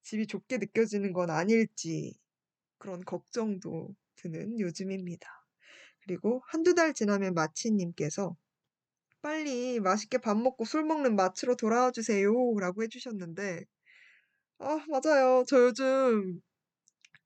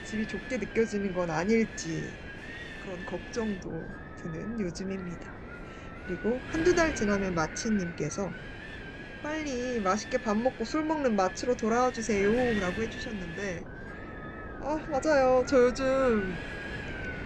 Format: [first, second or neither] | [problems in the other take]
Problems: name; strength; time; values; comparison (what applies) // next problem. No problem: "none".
first | wind noise on the microphone; heavy; 10 dB below the speech